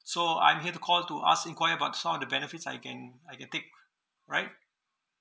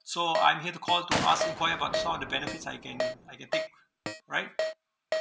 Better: first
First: none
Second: background sound (Keyboard (musical) + Gunshot, gunfire); 3 dB below the speech

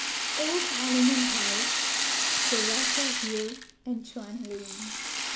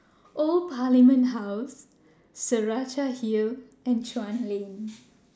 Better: second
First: background sound (Rattle (instrument)); 3 dB above the speech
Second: none

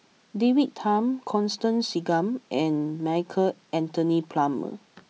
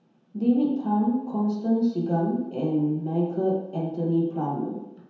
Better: first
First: none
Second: room echo; dies away in 0.9 s

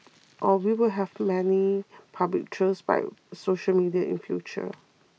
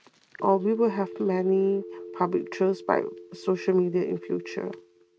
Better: first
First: none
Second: noise reduction (neural mask model RNNoise)

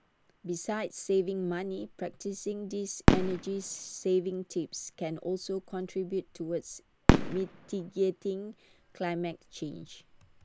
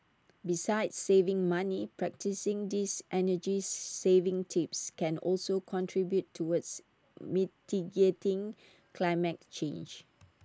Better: second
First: background sound (Fireworks); 1 dB above the speech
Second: none

